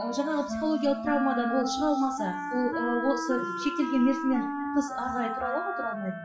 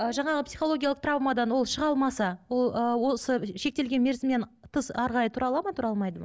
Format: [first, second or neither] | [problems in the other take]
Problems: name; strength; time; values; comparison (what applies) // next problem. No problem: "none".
second | noise reduction (classical method WPE with log-MMSE)